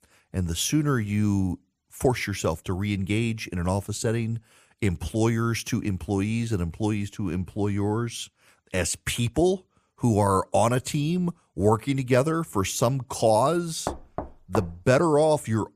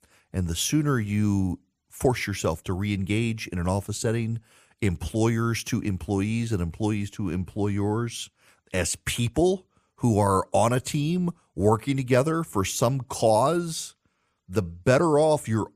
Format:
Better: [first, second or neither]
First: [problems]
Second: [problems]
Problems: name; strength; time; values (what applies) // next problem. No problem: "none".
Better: second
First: door banging; noticeable; at 14 s; peak 8 dB below the speech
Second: none